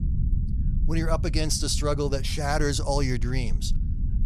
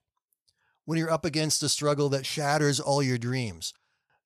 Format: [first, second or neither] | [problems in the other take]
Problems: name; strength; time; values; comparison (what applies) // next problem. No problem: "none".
second | low rumble; noticeable; throughout; 15 dB below the speech